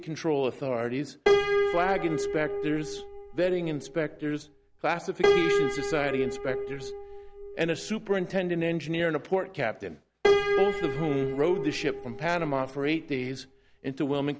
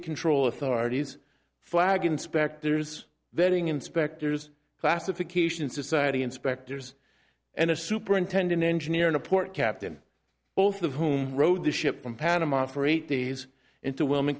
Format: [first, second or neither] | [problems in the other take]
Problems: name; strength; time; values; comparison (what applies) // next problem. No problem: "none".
second | background sound (Piano); as loud as the speech